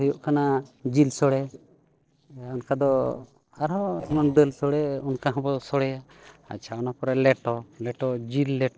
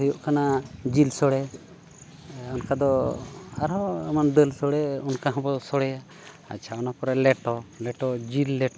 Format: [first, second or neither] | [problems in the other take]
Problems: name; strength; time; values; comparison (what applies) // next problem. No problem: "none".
second | noise reduction (neural separator model SepFormer DNS4)